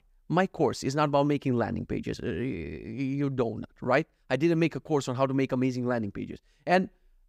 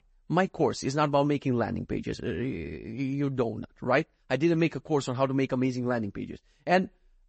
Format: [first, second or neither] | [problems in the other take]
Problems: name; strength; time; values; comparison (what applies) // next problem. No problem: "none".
first | garbled, watery; slightly; nothing above 8 kHz